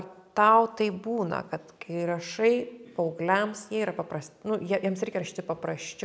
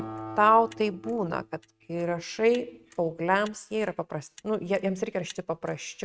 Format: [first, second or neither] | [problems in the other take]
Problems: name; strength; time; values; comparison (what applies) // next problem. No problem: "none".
first | noise reduction (neural mask model RNNoise)